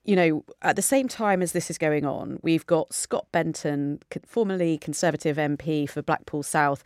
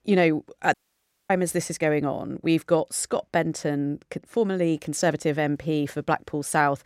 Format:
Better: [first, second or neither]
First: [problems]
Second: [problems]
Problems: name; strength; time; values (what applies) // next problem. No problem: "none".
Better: first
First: none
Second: audio cutting out; at 0.5 s for 0.5 s